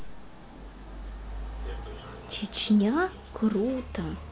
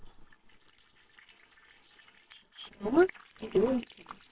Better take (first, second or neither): first